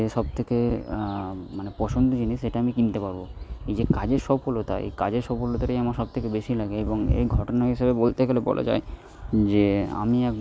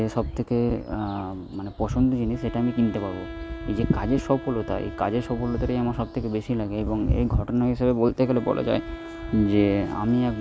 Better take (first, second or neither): first